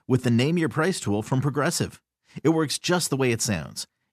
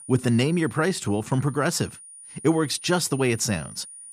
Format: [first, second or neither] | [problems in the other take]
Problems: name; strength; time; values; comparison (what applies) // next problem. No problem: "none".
first | high-pitched whine; noticeable; throughout; 9.5 kHz, 15 dB below the speech